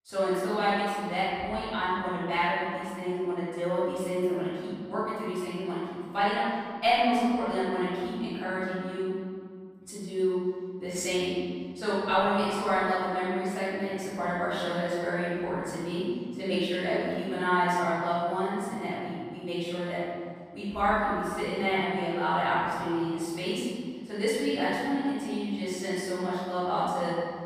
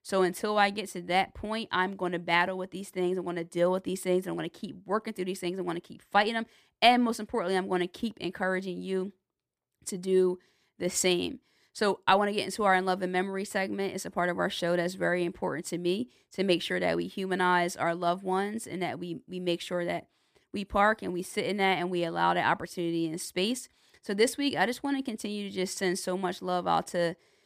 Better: second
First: room echo; strong; dies away in 2 s // off-mic speech; far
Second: none

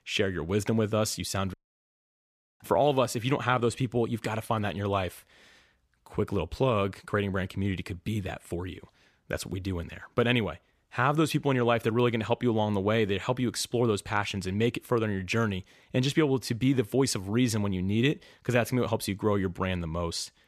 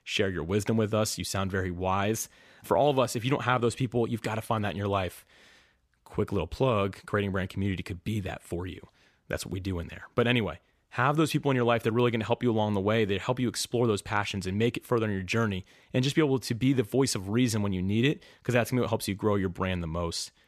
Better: second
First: audio cutting out; at 1.5 s for 1 s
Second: none

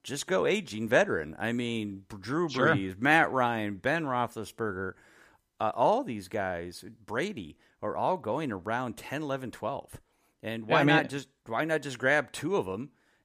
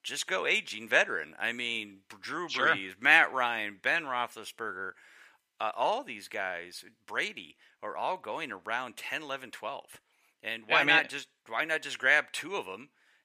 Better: first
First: none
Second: thin; somewhat; fading below 1 kHz

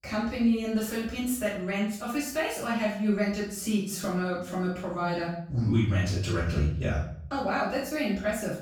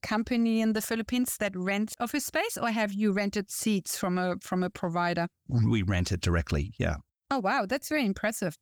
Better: second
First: off-mic speech; far // room echo; noticeable; dies away in 0.6 s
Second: none

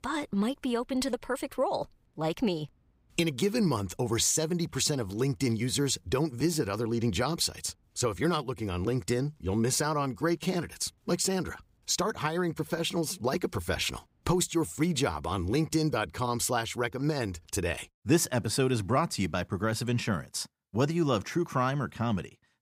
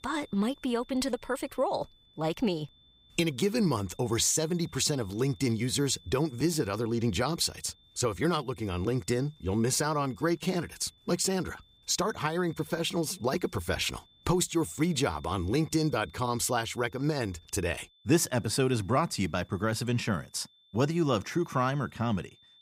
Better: first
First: none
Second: high-pitched whine; faint; throughout; 3.5 kHz, 30 dB below the speech

